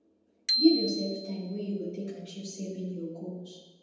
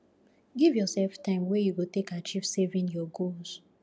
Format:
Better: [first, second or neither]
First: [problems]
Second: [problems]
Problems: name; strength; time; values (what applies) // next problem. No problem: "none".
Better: second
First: background sound (Bicycle bell); 4 dB below the speech // room echo; dies away in 1.1 s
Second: none